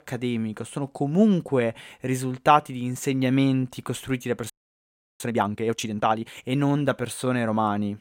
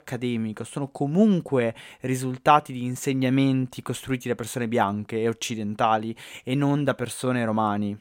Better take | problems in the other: second | audio freezing; at 4.5 s for 0.5 s

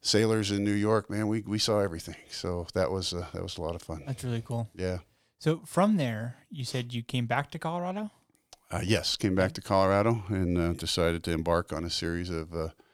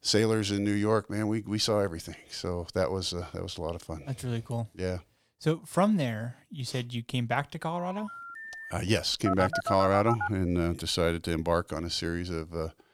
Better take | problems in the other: first | phone ringing; faint; from 7.5 to 8.5 s; peak 10 dB below the speech // phone ringing; noticeable; from 9.5 to 10 s; peak 1 dB below the speech

